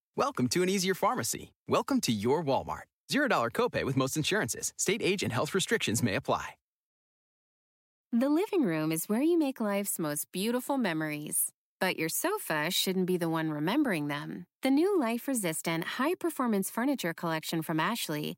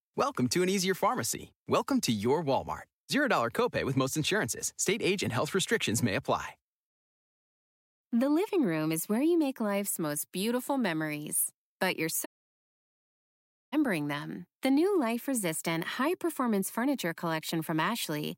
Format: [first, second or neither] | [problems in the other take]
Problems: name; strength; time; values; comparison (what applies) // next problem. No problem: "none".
first | audio cutting out; at 12 s for 1.5 s